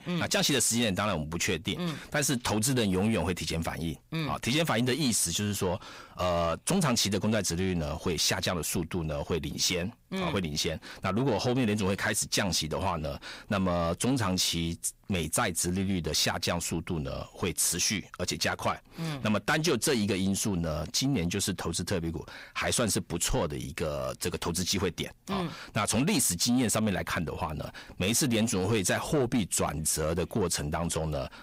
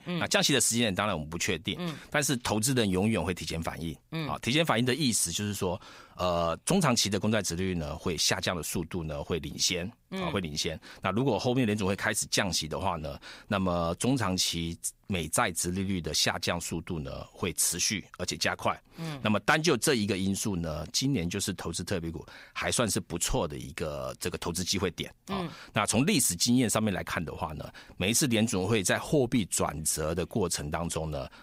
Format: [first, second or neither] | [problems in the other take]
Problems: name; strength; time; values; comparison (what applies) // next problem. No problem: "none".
second | distortion; slight; 10 dB below the speech